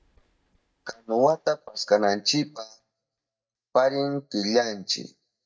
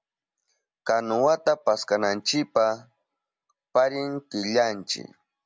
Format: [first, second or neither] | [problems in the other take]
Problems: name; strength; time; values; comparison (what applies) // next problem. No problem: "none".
second | noise reduction (neural mask model DeepFilterNet 3)